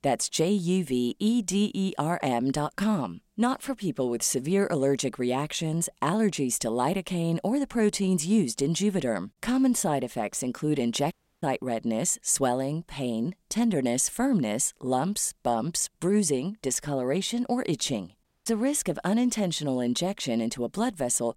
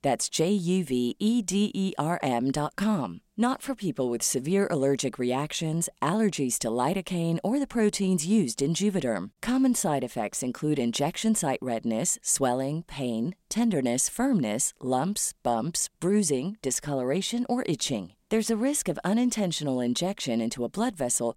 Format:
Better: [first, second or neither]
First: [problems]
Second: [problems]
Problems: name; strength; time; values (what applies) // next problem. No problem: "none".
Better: second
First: audio cutting out; at 11 s and at 18 s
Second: none